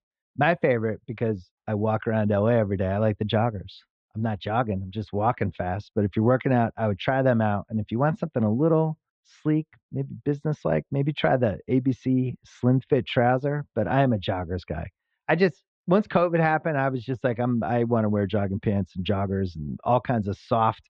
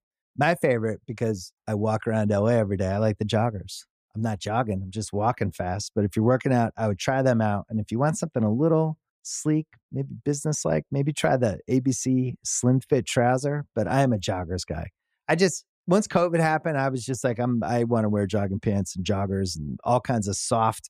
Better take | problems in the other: second | muffled; very; fading above 3.5 kHz

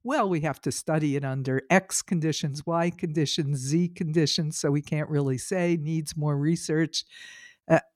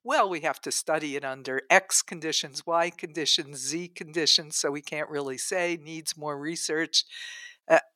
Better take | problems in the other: first | thin; very; fading below 550 Hz

